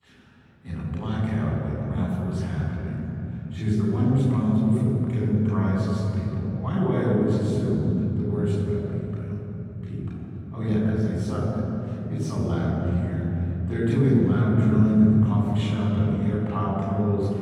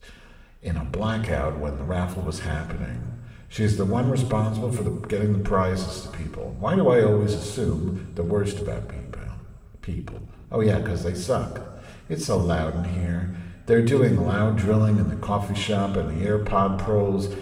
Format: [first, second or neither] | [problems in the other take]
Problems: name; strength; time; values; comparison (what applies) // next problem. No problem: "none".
second | room echo; strong; dies away in 3 s; slight in the second // off-mic speech; far